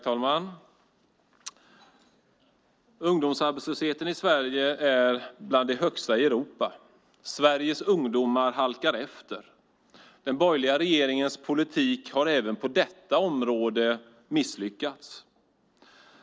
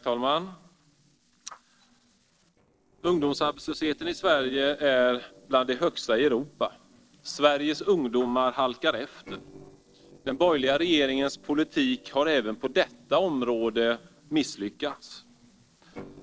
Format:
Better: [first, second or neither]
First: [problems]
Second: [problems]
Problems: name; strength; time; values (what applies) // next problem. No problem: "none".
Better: first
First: none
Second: noise reduction (neural separator model SepFormer DNS4)